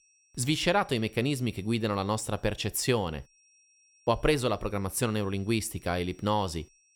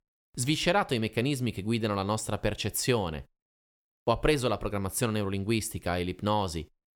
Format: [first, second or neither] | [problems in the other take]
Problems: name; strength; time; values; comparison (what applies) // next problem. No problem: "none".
second | high-pitched whine; faint; throughout; 5.5 kHz, 30 dB below the speech